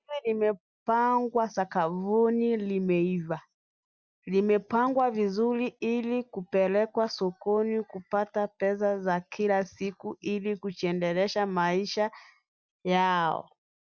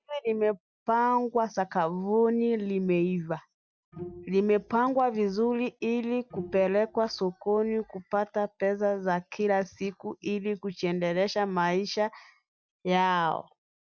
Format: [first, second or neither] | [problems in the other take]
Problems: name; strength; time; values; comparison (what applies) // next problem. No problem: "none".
first | background sound (Bowed string instrument); 19 dB below the speech